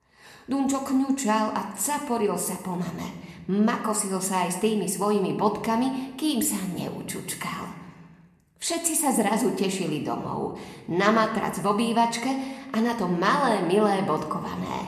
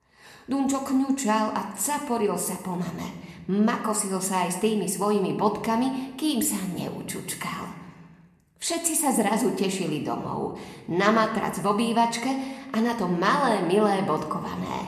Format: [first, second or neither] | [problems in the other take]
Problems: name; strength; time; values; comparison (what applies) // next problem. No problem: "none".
neither | room echo; slight; dies away in 1 s; the same in both